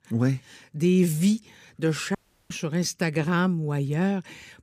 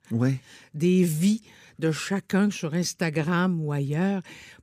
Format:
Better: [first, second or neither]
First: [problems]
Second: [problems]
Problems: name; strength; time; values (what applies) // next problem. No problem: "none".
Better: second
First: audio cutting out; at 2 s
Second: none